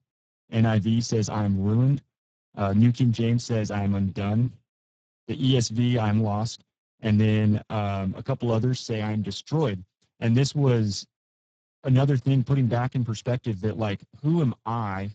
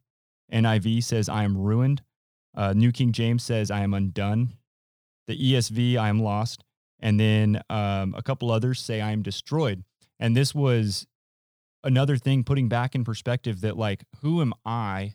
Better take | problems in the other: second | garbled, watery; badly; nothing above 7.5 kHz

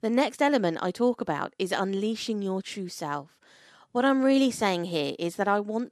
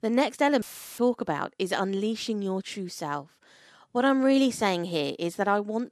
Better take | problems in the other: first | audio cutting out; filled with static; at 0.5 s

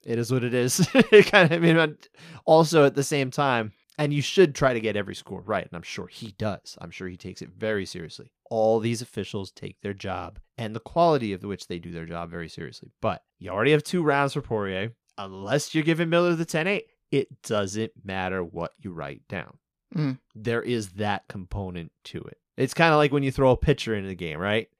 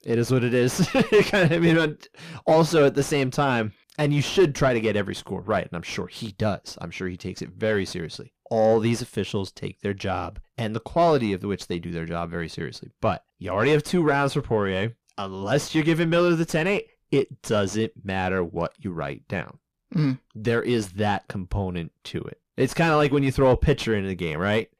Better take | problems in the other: first | distortion; heavy; 7 dB below the speech

